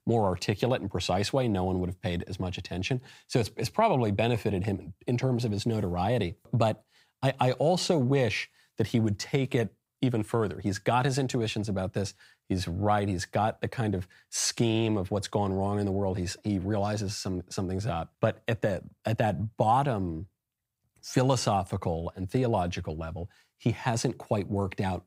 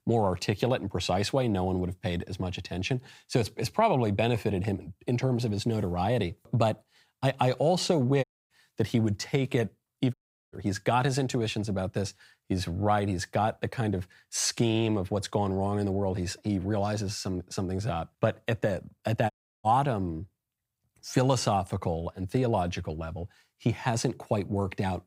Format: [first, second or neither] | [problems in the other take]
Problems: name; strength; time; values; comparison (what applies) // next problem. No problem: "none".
first | audio cutting out; at 8 s, at 10 s and at 19 s